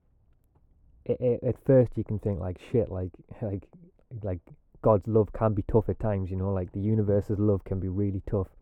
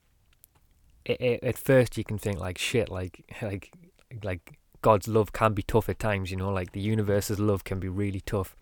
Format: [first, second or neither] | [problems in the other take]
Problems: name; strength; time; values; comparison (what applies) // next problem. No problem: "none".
second | muffled; very; fading above 1.5 kHz